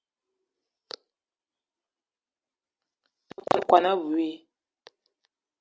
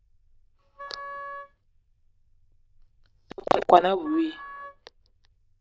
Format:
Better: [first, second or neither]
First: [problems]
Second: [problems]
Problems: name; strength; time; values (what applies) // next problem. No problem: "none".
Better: first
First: none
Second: noise reduction (neural diffusion model UNIVERSE++)